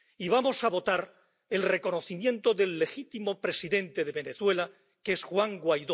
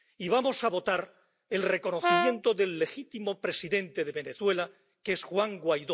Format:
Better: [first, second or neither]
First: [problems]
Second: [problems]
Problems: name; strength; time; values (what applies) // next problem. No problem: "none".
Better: first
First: none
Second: background sound (Brass instrument); 1 dB above the speech